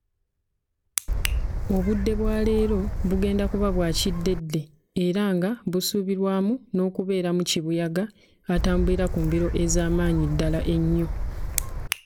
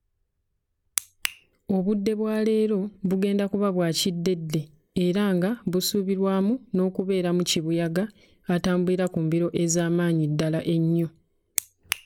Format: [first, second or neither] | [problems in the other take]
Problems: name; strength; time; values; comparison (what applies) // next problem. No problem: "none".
second | background sound (Gull, seagull / Wind); 2 dB below the speech